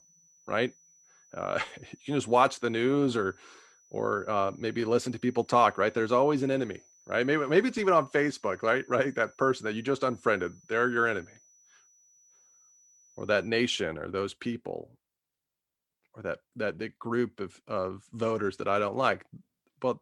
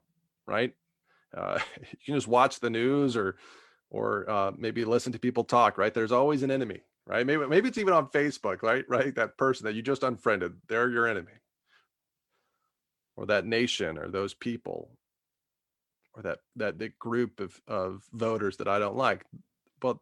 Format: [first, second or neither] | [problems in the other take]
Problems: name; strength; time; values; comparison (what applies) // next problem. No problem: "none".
second | high-pitched whine; faint; until 13 s; 6 kHz, 30 dB below the speech